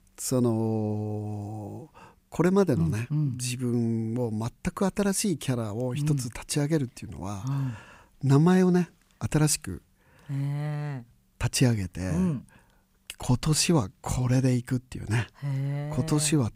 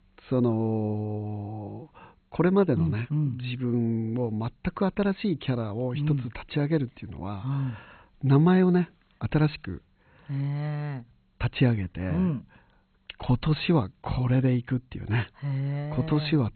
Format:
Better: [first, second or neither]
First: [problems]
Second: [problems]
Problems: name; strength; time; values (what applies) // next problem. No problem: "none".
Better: first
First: none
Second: garbled, watery; badly; nothing above 4 kHz